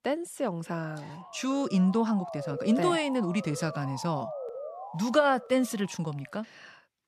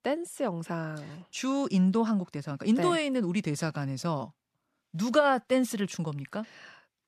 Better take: second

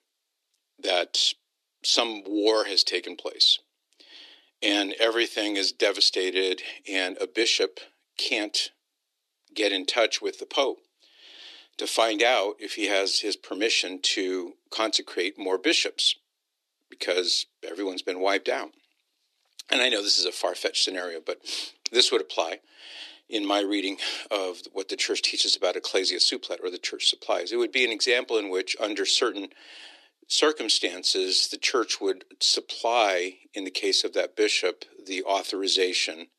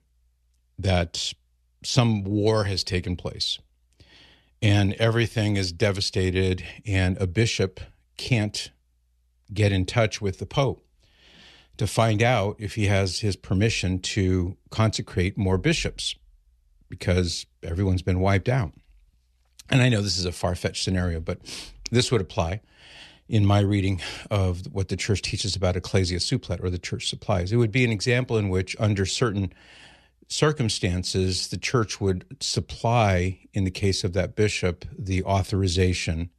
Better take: second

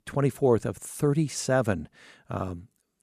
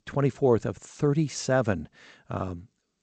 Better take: first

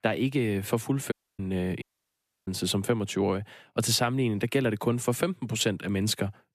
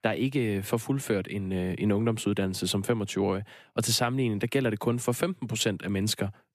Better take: second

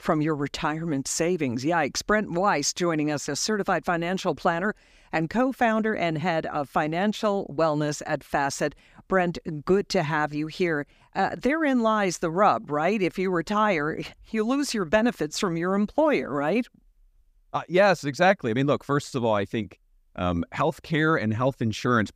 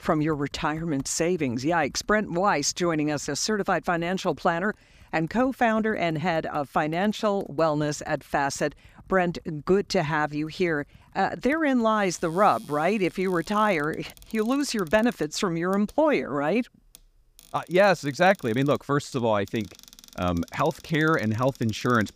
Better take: first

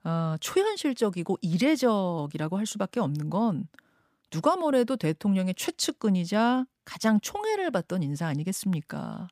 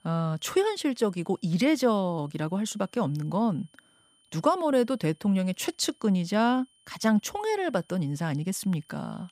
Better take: first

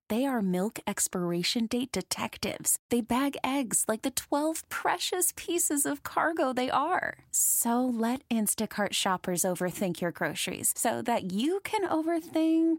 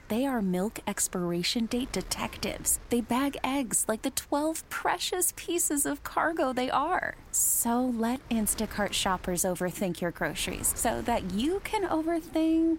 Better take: first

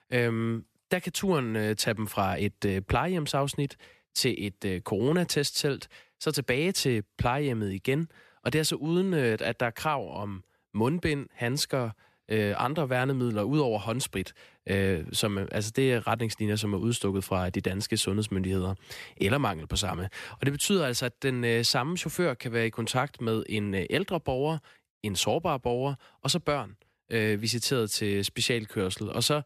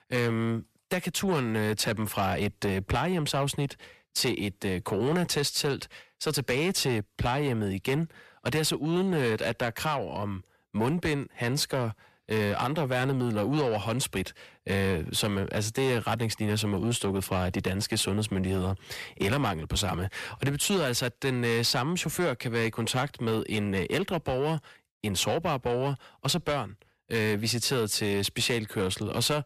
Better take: first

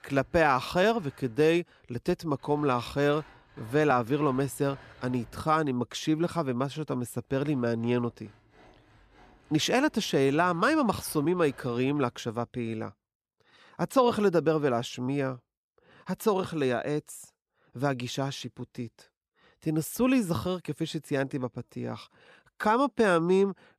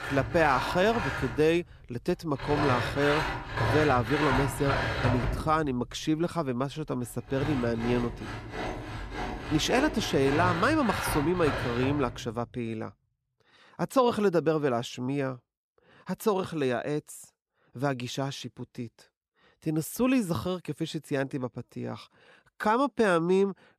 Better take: first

